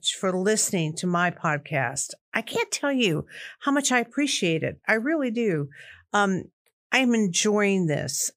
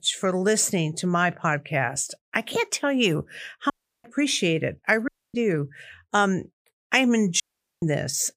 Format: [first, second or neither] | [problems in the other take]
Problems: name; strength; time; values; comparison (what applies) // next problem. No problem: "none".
first | audio cutting out; at 3.5 s, at 5 s and at 7.5 s